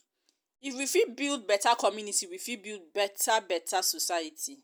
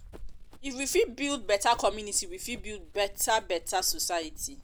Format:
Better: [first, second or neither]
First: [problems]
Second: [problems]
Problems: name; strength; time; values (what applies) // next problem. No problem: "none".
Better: first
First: none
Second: background sound (Run); 13 dB below the speech